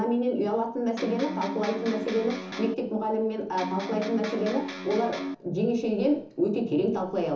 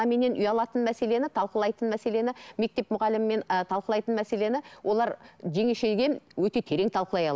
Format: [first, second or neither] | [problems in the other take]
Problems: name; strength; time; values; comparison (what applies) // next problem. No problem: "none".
second | background sound (Electric guitar); 7 dB below the speech // room echo; dies away in 0.7 s